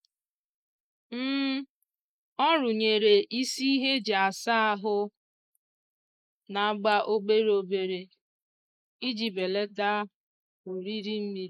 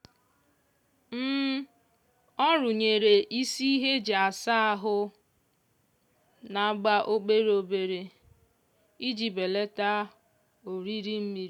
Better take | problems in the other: second | noise reduction (neural mask model Resemble Enhance denoiser)

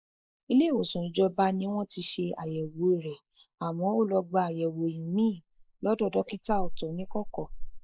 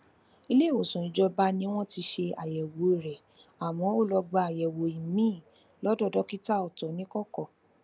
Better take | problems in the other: second | noise reduction (neural mask model Resemble Enhance denoiser)

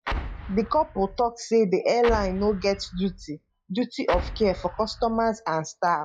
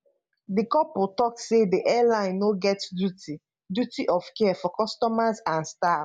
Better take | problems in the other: second | noise reduction (classical method log-MMSE)

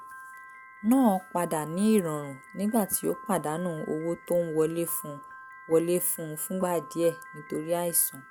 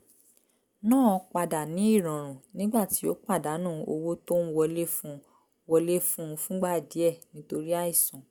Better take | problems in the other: second | background sound (Piano); 18 dB below the speech

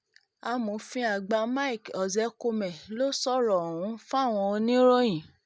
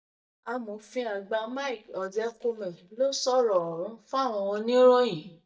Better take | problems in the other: first | noise reduction (neural mask model DeepFilterNet 3)

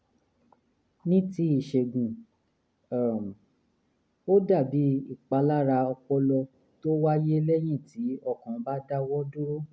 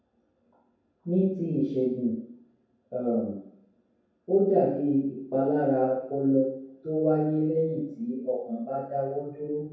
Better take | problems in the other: first | room echo; dies away in 0.7 s

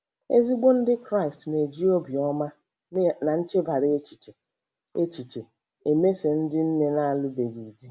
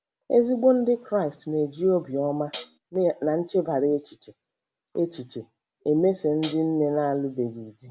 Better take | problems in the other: first | background sound (Hi-hat); 14 dB below the speech

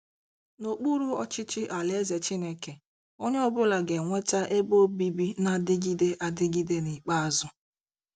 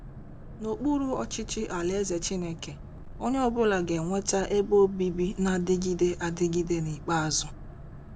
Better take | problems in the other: first | background sound (Boat, Water vehicle); 13 dB below the speech

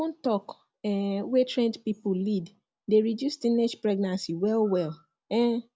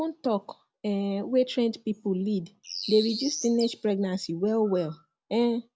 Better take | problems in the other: first | background sound (Bird); 9 dB below the speech

